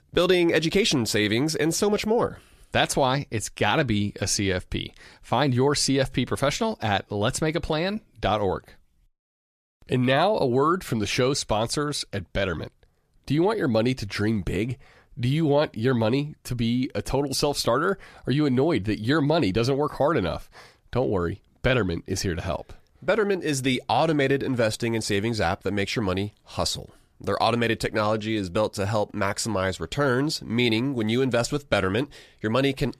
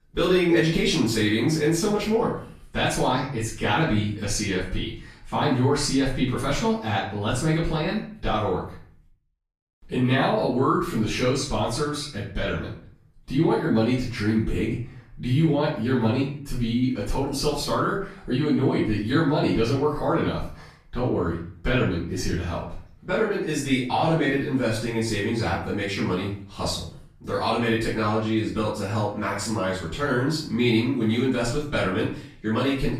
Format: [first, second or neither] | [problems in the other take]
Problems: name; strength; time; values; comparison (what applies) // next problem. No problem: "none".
first | room echo; noticeable; dies away in 0.5 s // off-mic speech; far